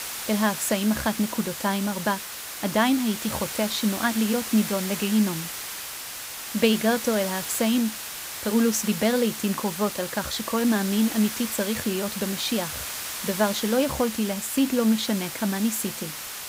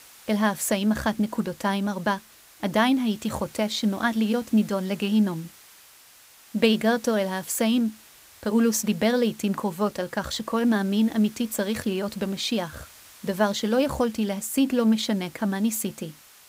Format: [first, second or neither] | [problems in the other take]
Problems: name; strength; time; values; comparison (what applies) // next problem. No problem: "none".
second | hiss; loud; throughout; 6 dB below the speech; faint in the second